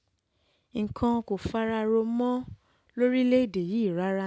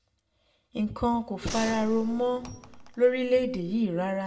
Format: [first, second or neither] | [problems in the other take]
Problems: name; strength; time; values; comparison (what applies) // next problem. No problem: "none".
first | background sound (Gunshot, gunfire); 12 dB below the speech // room echo; dies away in 0.6 s